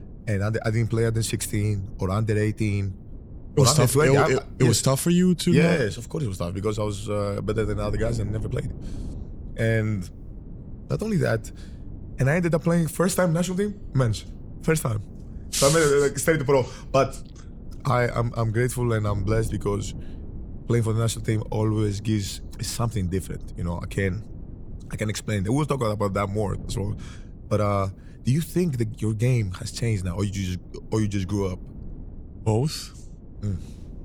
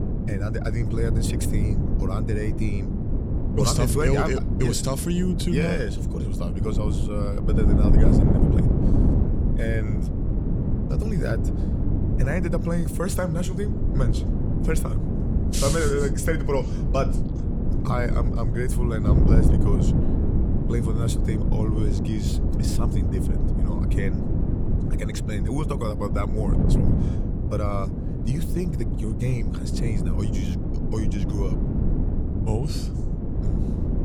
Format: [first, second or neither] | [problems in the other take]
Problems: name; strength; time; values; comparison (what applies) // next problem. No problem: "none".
first | wind noise on the microphone; heavy; 3 dB below the speech; occasional gusts in the first